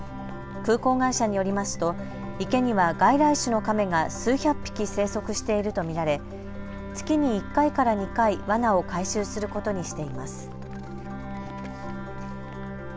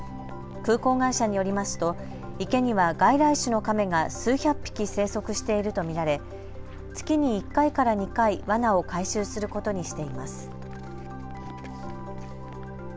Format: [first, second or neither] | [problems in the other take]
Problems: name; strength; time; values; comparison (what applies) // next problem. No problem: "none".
second | background sound (Wind instrument, woodwind instrument); 15 dB below the speech